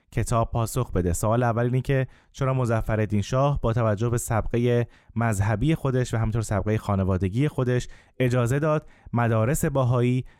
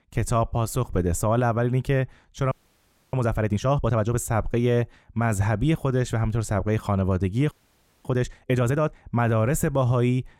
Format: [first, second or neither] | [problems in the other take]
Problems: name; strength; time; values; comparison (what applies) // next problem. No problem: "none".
first | audio freezing; at 2.5 s for 0.5 s and at 7.5 s for 0.5 s